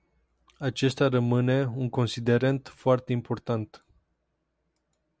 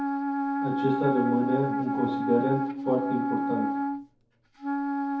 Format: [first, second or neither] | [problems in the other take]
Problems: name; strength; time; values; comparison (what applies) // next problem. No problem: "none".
first | background sound (Wind instrument, woodwind instrument); 1 dB above the speech // room echo; dies away in 0.5 s